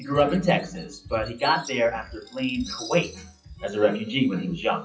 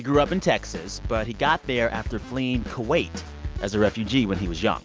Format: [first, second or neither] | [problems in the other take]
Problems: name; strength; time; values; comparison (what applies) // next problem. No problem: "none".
second | noise reduction (classical method WPE with log-MMSE)